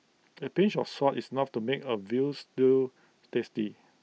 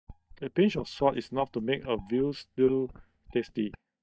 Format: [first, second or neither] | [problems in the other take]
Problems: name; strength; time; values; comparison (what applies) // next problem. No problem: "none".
first | noise reduction (neural mask model DeepFilterNet 3)